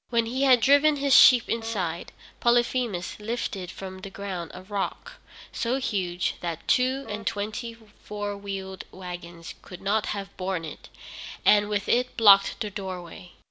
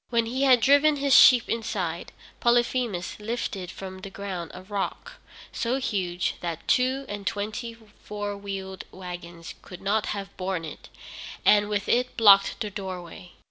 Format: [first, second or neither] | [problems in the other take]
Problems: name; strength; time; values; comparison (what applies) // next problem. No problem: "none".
second | background sound (Wind instrument, woodwind instrument); 19 dB below the speech